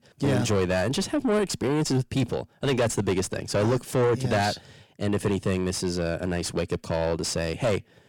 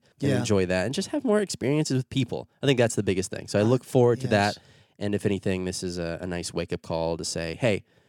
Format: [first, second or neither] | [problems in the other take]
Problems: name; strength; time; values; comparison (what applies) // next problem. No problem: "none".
second | distortion; heavy; 6 dB below the speech